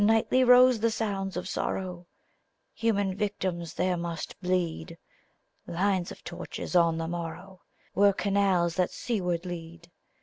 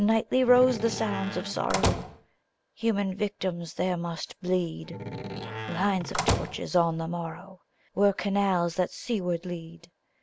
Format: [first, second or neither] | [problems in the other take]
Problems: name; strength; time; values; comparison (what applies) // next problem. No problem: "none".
first | background sound (Slam); 4 dB below the speech